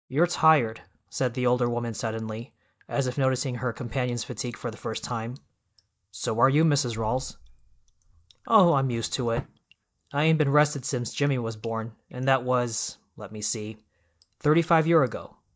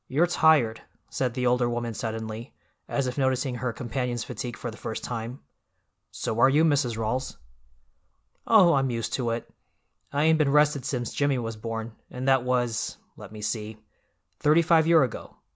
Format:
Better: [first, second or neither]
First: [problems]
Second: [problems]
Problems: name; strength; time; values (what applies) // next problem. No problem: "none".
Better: second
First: noise reduction (neural mask model DeepFilterNet 3)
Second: none